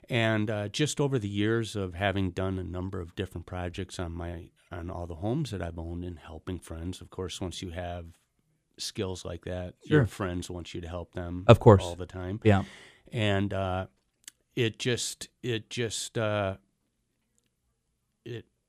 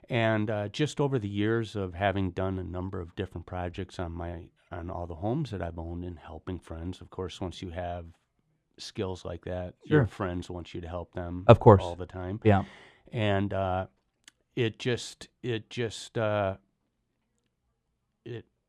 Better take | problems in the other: first | muffled; slightly; fading above 3 kHz

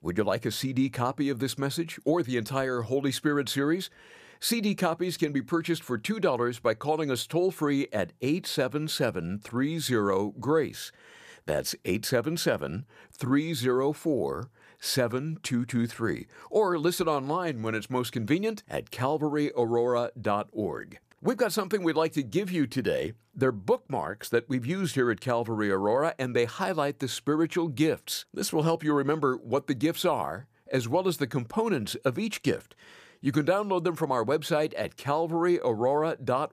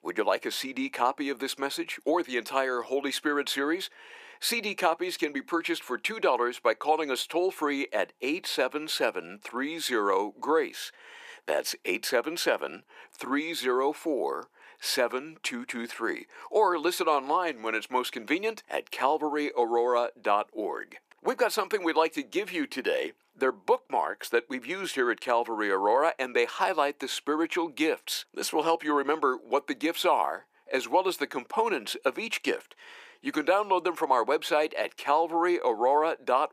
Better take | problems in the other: first | thin; somewhat; fading below 300 Hz

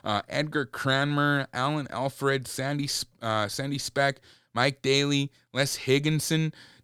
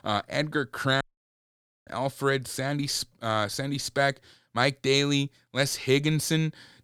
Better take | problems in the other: first | audio cutting out; at 1 s for 1 s

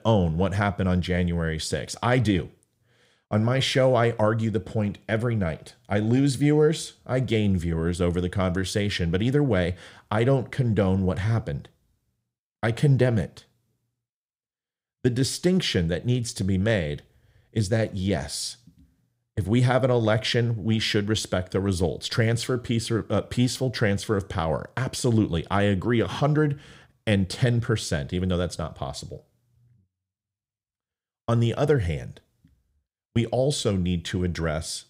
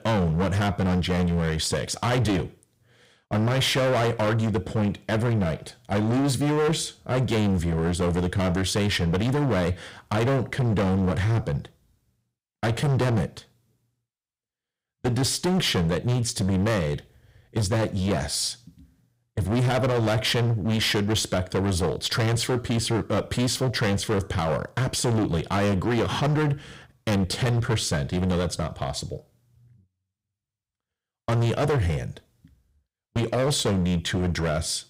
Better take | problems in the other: first | distortion; heavy; 20% of the sound clipped

